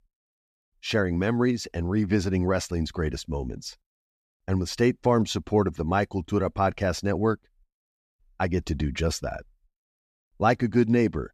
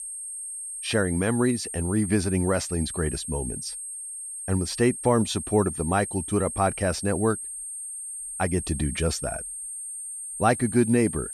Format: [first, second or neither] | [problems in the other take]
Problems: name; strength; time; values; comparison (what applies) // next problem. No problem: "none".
first | high-pitched whine; loud; throughout; 8.5 kHz, 7 dB below the speech